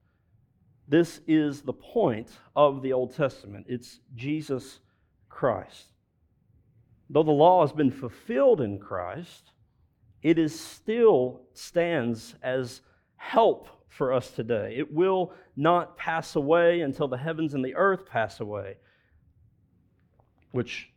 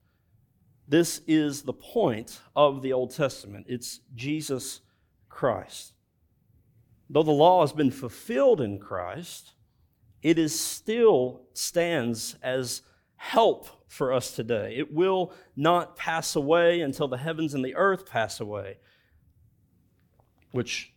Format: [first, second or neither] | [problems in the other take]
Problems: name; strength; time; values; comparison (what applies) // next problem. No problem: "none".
second | muffled; slightly; fading above 4 kHz